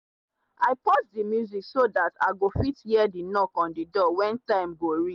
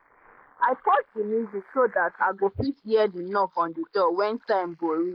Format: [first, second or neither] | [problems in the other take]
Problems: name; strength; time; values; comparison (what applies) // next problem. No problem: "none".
first | noise reduction (neural mask model Resemble Enhance denoiser)